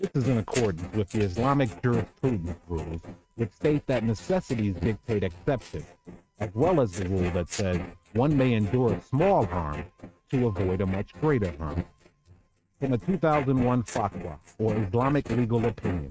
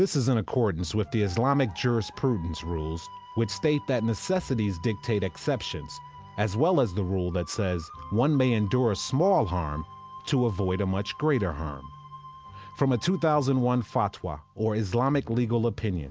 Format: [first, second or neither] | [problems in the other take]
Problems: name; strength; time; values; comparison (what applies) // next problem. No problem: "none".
second | noise reduction (neural mask model RNNoise)